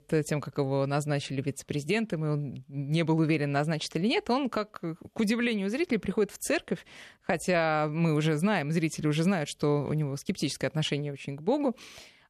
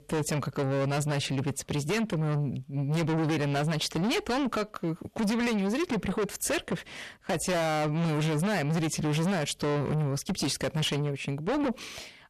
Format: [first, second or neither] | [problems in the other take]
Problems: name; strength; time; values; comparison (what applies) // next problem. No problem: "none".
first | distortion; heavy; 6 dB below the speech